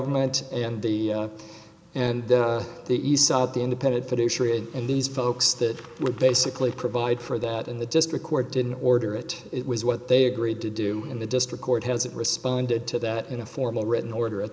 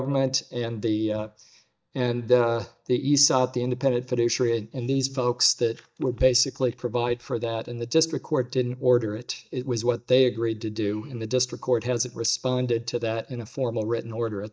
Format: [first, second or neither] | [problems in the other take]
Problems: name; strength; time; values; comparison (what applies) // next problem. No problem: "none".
first | noise reduction (neural mask model DeepFilterNet 3)